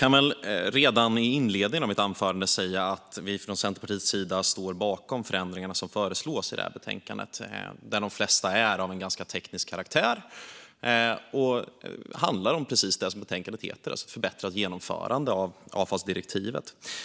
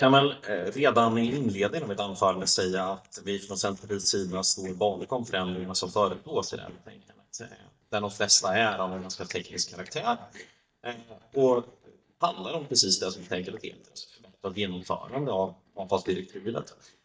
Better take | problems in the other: first | noise reduction (neural mask model DeepFilterNet 3)

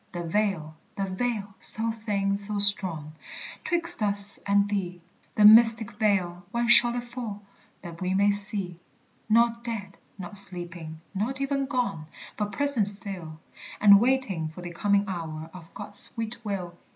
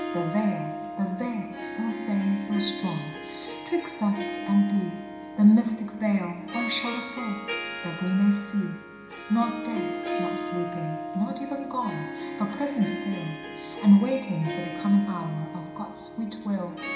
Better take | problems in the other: first | background sound (Harp); 8 dB below the speech // room echo; dies away in 1.6 s

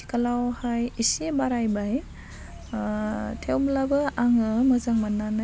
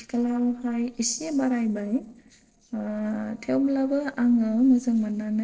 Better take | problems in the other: first | noise reduction (neural separator model SepFormer DNS4)

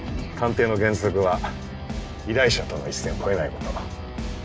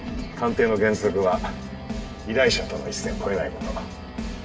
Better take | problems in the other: first | room echo; dies away in 1.7 s

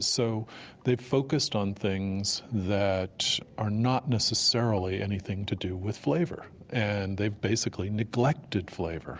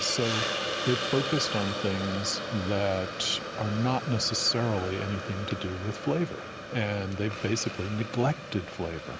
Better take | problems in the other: first | background sound (Hiss); 5 dB below the speech

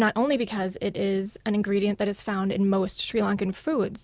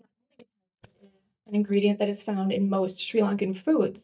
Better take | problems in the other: first | noise reduction (neural mask model DeepFilterNet 3)

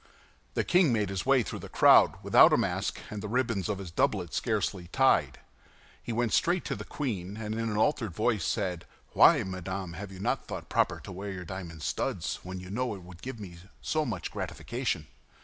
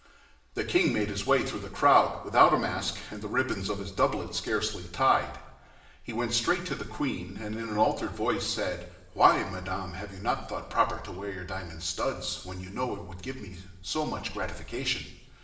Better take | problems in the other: first | room echo; dies away in 0.9 s

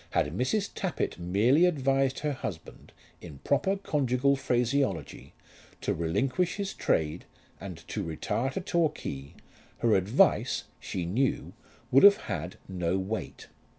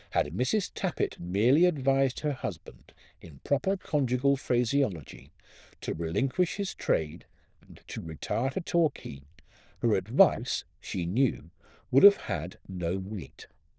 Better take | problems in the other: first | noise reduction (neural diffusion model UNIVERSE++)

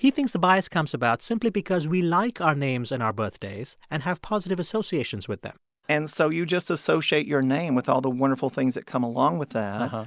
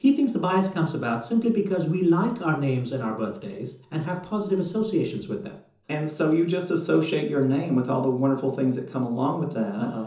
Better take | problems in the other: first | room echo; dies away in 0.6 s

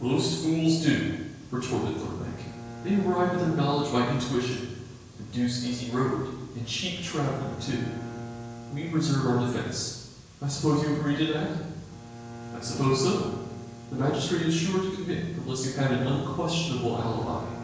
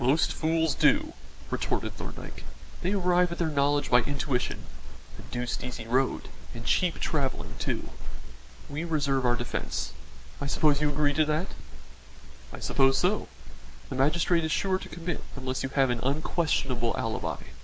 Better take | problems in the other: second | background sound (Bowed string instrument); 16 dB below the speech // room echo; dies away in 1 s

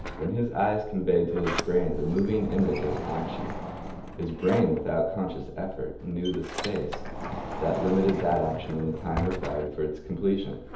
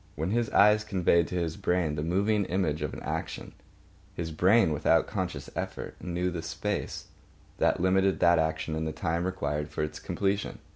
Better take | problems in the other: second | background sound (Sliding door); 8 dB below the speech // room echo; dies away in 0.8 s

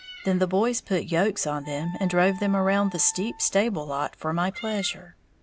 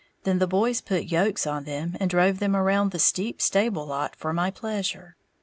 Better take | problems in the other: second | background sound (Meow + Wind instrument, woodwind instrument); 20 dB below the speech

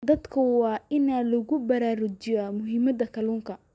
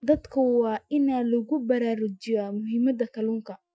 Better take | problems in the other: first | noise reduction (classical method Wiener filter)

